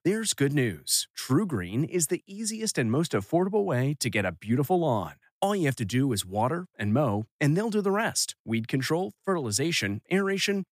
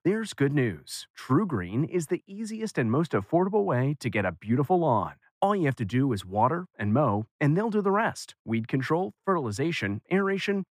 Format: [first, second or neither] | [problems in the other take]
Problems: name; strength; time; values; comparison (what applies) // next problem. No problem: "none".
first | muffled; slightly; fading above 3.5 kHz